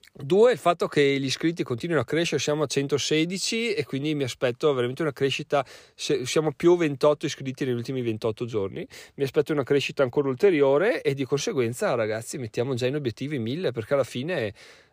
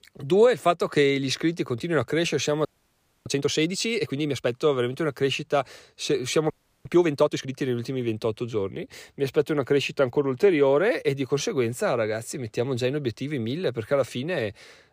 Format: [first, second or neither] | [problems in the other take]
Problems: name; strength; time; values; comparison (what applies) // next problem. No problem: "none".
first | audio freezing; at 2.5 s for 0.5 s and at 6.5 s